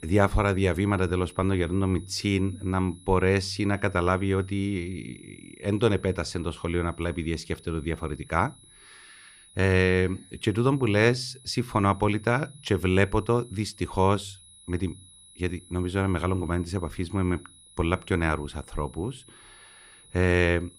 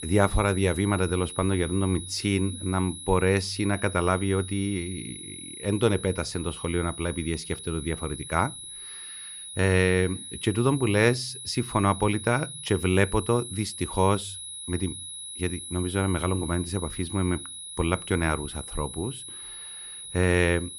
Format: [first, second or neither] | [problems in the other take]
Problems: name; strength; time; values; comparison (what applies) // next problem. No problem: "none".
first | high-pitched whine; loud; throughout; 10.5 kHz, 10 dB below the speech; faint in the first